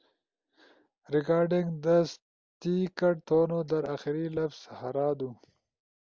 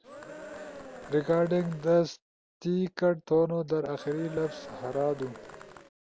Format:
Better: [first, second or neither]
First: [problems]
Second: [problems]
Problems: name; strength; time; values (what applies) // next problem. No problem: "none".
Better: first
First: none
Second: background sound (Cheering); 15 dB below the speech